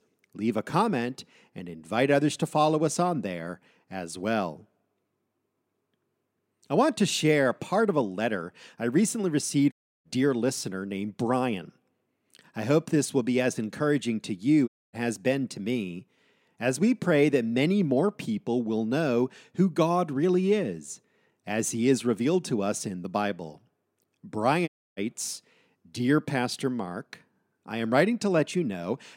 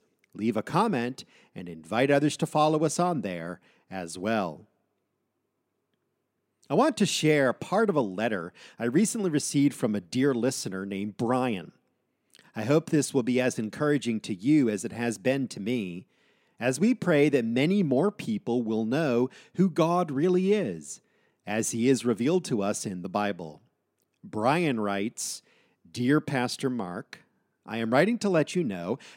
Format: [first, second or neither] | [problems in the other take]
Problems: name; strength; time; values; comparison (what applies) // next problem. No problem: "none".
second | audio cutting out; at 9.5 s, at 15 s and at 25 s